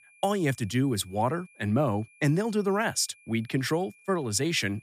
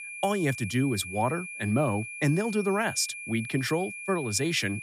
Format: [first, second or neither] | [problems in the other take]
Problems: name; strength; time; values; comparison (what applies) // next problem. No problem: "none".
first | high-pitched whine; loud; throughout; 2.5 kHz, 9 dB below the speech; faint in the first